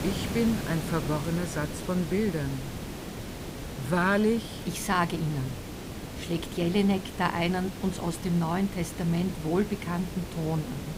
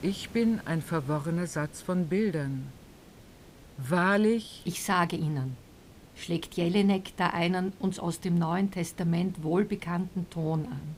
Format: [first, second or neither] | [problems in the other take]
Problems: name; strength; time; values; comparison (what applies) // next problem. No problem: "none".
second | hiss; loud; throughout; 8 dB below the speech; faint in the second